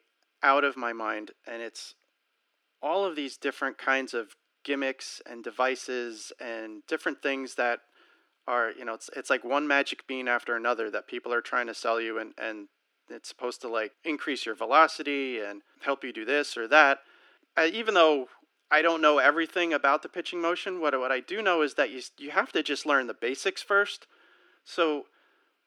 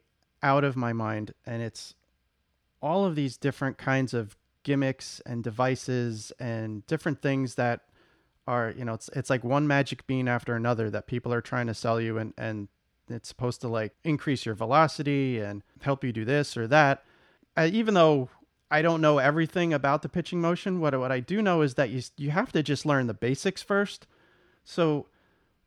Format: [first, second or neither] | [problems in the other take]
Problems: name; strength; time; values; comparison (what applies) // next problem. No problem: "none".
second | thin; somewhat; fading below 300 Hz